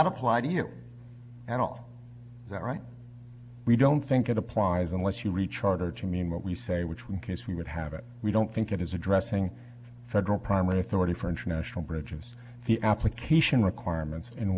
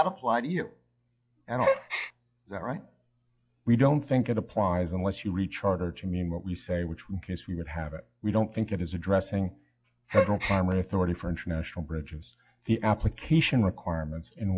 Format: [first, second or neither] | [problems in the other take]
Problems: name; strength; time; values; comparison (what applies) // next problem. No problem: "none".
first | noise reduction (classical method log-MMSE)